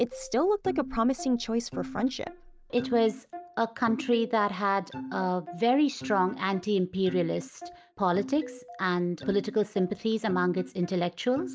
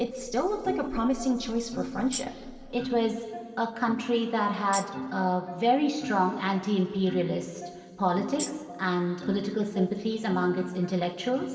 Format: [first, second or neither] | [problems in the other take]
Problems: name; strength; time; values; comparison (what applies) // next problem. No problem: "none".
first | background sound (Tambourine); 13 dB below the speech // room echo; dies away in 2.3 s